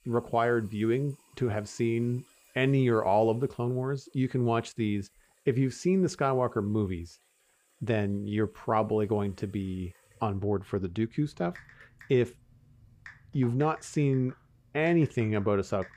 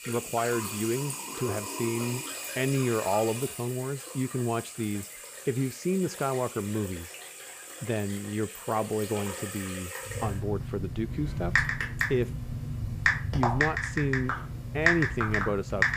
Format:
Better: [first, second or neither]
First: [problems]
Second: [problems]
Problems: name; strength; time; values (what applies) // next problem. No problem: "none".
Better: first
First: household noises; faint; throughout; 30 dB below the speech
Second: household noises; loud; throughout; 1 dB below the speech